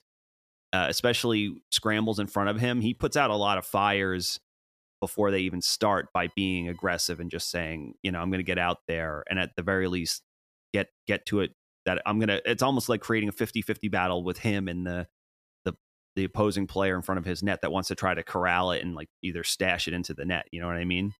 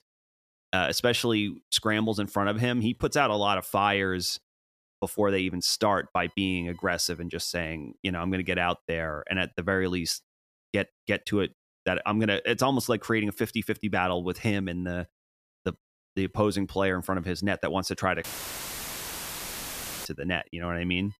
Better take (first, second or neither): first